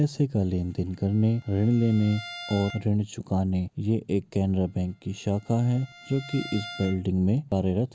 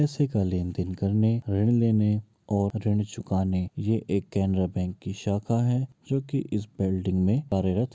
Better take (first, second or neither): second